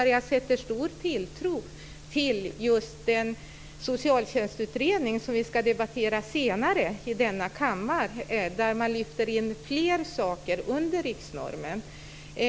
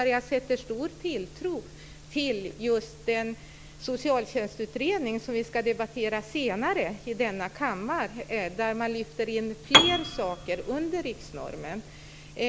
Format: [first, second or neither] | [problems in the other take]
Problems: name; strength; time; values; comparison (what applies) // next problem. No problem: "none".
first | background sound (Piano); 2 dB above the speech